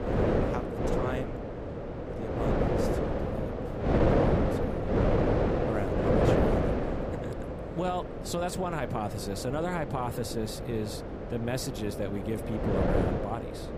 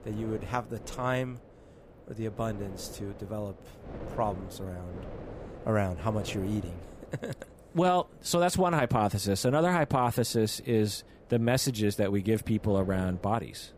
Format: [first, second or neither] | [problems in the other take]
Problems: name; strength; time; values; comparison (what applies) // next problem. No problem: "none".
second | wind noise on the microphone; heavy; 4 dB above the speech; occasional gusts in the second